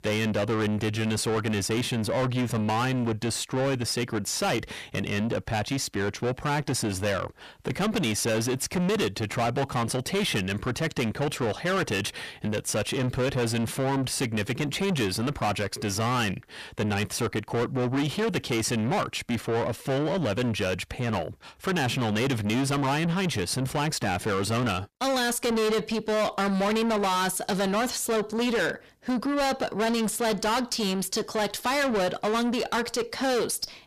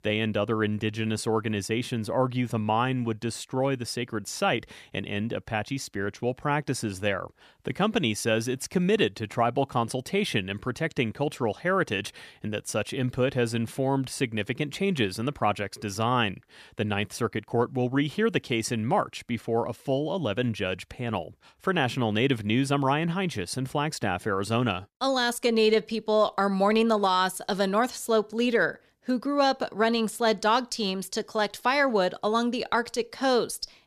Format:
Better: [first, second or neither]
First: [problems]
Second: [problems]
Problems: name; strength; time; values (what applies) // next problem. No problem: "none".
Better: second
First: distortion; heavy; 6 dB below the speech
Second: none